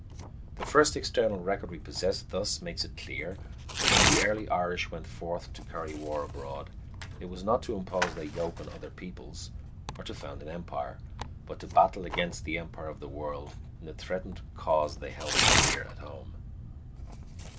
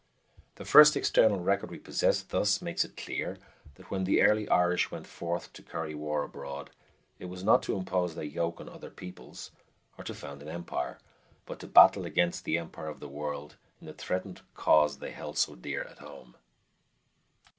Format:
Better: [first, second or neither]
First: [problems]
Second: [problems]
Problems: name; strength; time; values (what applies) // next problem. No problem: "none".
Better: second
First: background sound (Tearing); 1 dB below the speech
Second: none